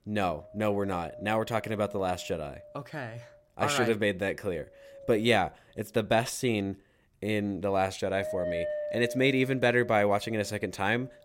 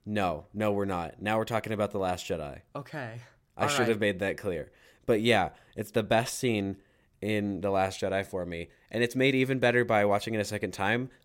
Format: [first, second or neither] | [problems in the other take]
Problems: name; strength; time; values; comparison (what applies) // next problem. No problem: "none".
second | wind noise on the microphone; occasional gusts; 10 dB below the speech